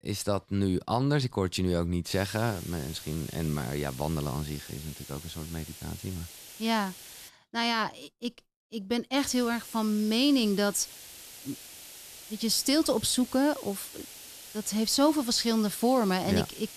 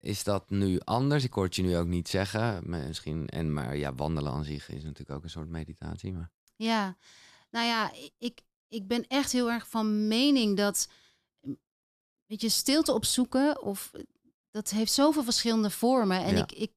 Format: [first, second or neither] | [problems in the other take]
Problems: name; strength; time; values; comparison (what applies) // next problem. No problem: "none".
second | hiss; noticeable; from 2 to 7.5 s and from 9 s on; 15 dB below the speech